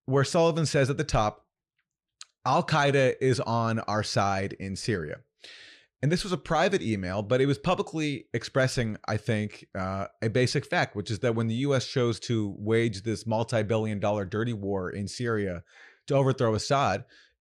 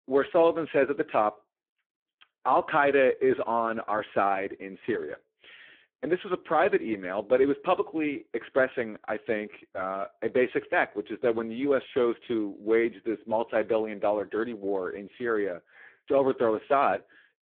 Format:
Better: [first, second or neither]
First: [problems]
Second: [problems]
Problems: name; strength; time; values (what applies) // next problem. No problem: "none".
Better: first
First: none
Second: phone-call audio; poor line